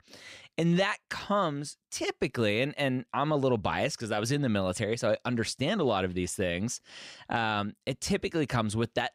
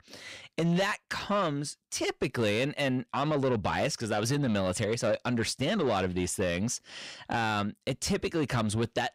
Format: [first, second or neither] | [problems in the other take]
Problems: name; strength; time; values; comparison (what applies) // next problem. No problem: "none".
first | distortion; slight; 10 dB below the speech